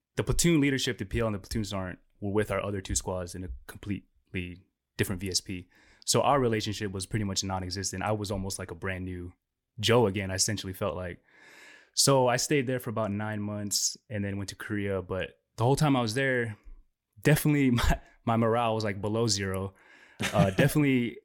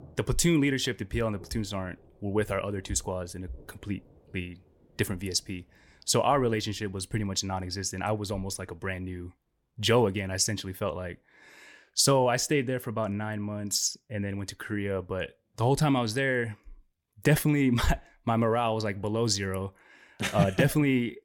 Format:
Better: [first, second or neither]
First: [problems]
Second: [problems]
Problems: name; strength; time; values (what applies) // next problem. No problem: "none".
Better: first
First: none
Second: rain or running water; faint; throughout; 30 dB below the speech